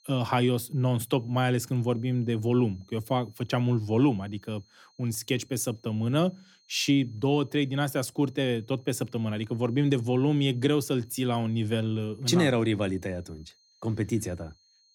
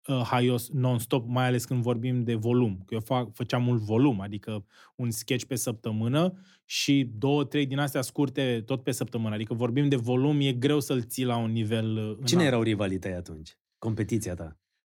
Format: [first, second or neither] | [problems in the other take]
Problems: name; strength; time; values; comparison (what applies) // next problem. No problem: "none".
second | high-pitched whine; faint; throughout; 4 kHz, 35 dB below the speech